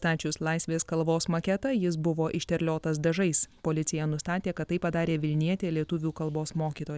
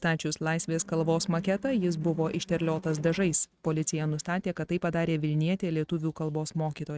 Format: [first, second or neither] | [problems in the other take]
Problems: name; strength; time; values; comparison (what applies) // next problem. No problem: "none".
first | noise reduction (neural mask model RNNoise)